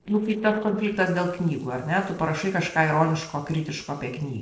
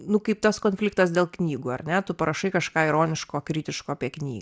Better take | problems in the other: second | noise reduction (neural separator model SepFormer DNS4)

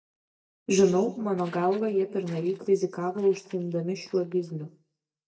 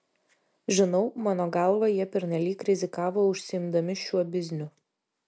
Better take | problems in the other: second | noise reduction (neural mask model DeepFilterNet 3)

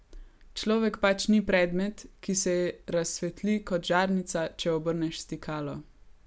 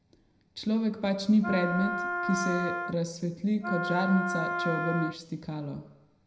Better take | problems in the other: first | background sound (Wind instrument, woodwind instrument); 3 dB below the speech // room echo; dies away in 0.7 s

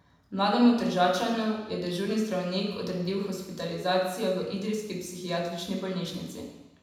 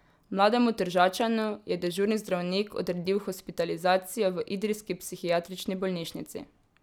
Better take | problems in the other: second | room echo; dies away in 1 s

